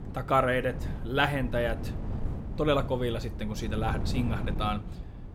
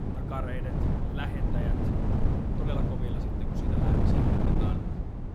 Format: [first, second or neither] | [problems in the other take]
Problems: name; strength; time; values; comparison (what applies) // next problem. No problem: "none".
first | wind noise on the microphone; heavy; 5 dB above the speech; occasional gusts in the first